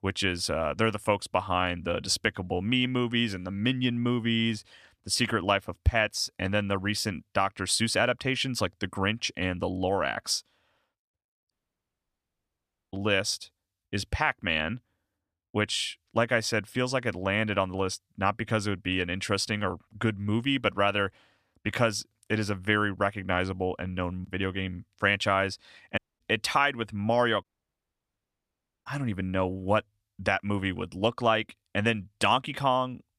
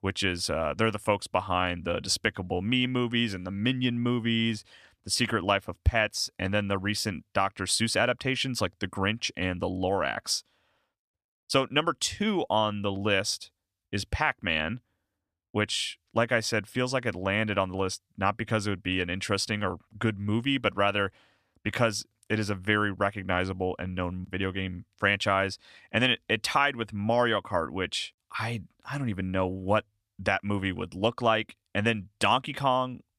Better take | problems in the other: second | audio cutting out; at 12 s for 1.5 s, at 26 s and at 27 s for 1.5 s

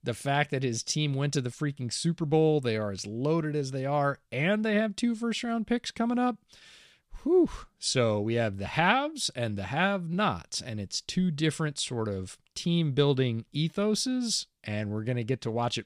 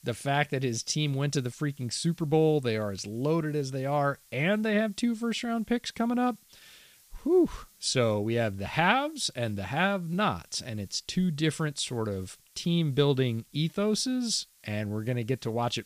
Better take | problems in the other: first | hiss; faint; throughout; 30 dB below the speech

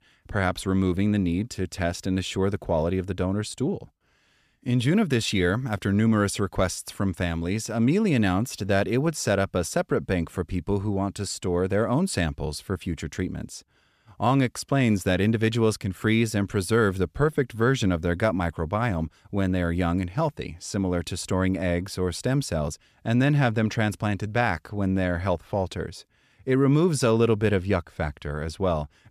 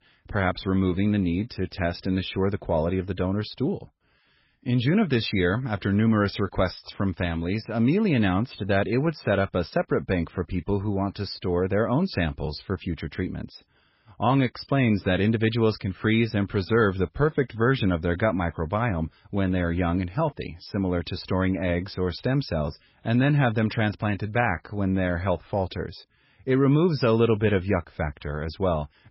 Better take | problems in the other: first | garbled, watery; badly; nothing above 5.5 kHz

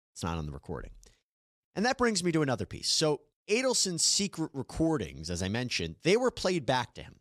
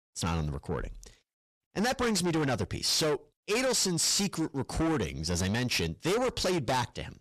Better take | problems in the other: first | distortion; heavy; 5 dB below the speech

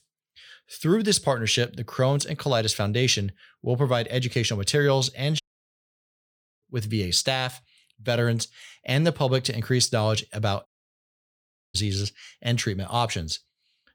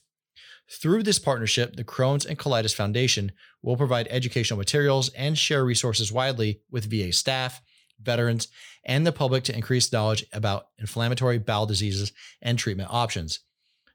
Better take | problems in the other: second | audio cutting out; at 5.5 s for 1 s and at 11 s for 1 s

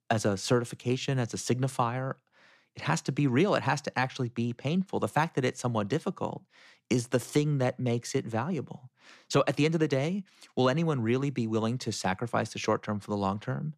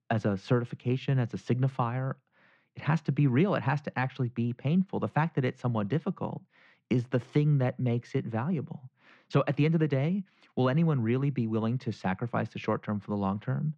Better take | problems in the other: first | muffled; slightly; fading above 2.5 kHz

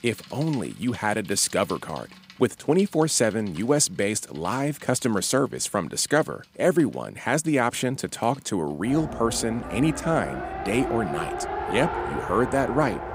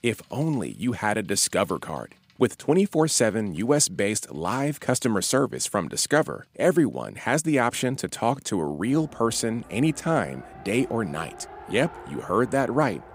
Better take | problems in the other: second | traffic noise; loud; throughout; 8 dB below the speech; faint in the second

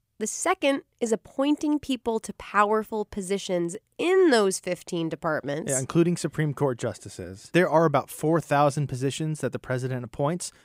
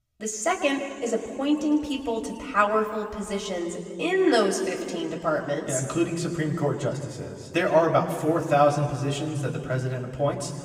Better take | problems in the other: first | room echo; slight; dies away in 2.3 s // off-mic speech; somewhat distant

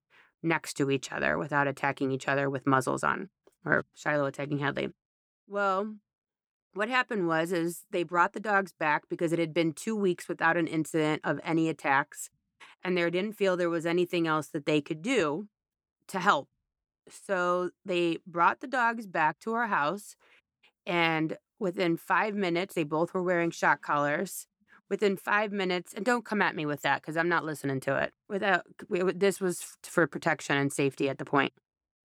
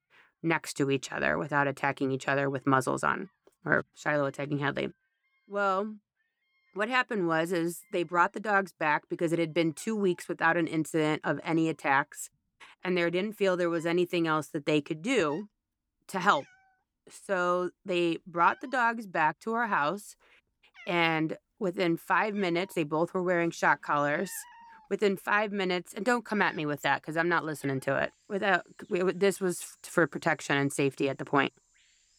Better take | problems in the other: first | animal sounds; faint; throughout; 30 dB below the speech

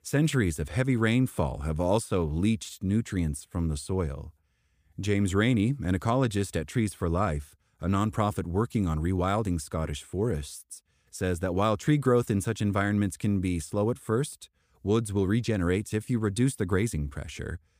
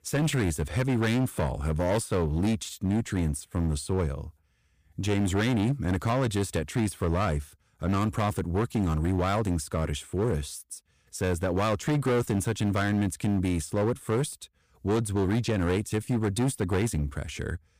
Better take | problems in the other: first | distortion; slight; 19% of the sound clipped

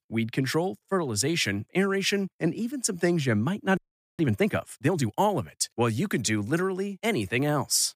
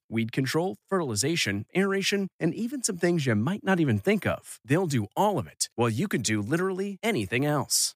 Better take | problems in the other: second | audio freezing; at 4 s

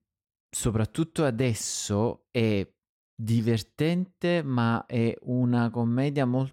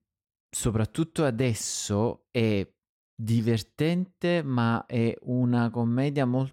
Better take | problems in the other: neither | none

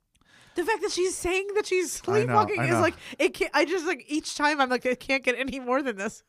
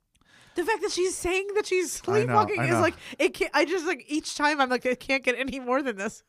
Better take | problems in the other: neither | none

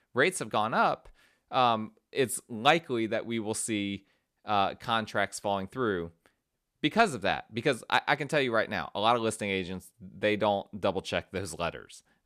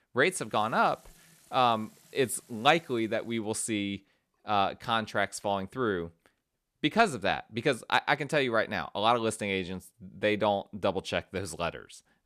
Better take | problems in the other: first | household noises; faint; until 6 s; 30 dB below the speech

